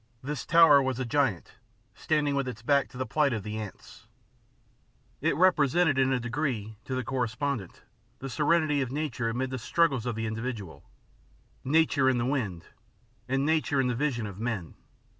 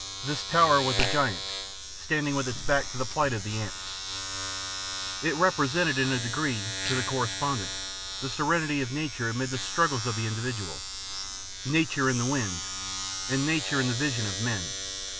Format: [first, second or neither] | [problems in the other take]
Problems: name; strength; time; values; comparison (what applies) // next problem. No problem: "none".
first | background sound (Domestic sounds, home sounds); 4 dB below the speech